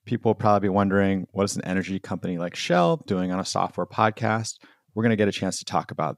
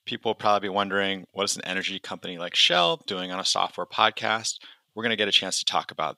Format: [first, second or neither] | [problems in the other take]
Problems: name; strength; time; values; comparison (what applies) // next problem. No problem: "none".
first | thin; somewhat; fading below 950 Hz